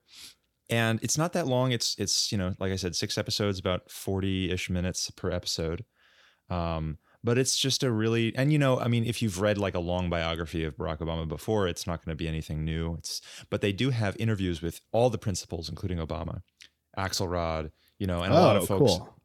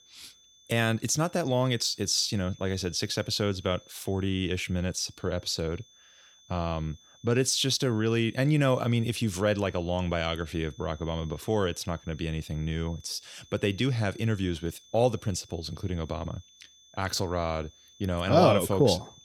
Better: first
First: none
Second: high-pitched whine; faint; throughout; 3.5 kHz, 25 dB below the speech

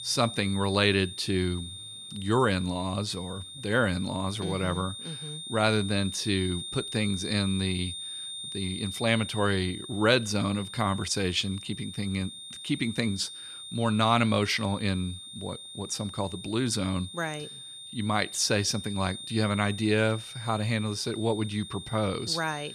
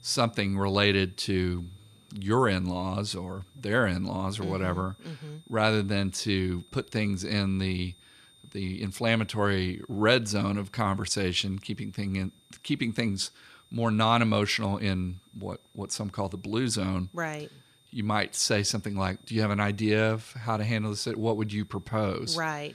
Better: second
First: high-pitched whine; loud; throughout; 3.5 kHz, 10 dB below the speech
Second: high-pitched whine; faint; throughout; 3.5 kHz, 30 dB below the speech

